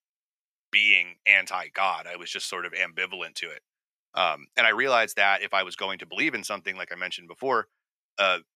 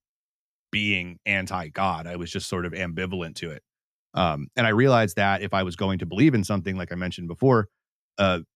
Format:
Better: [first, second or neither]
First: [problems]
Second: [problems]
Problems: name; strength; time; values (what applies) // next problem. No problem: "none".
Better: second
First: thin; very; fading below 650 Hz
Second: none